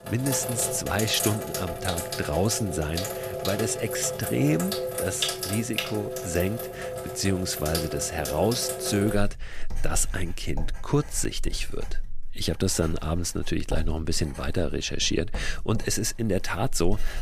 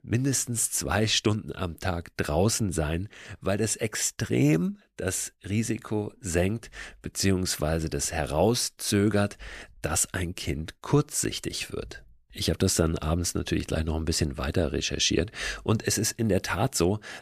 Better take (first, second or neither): second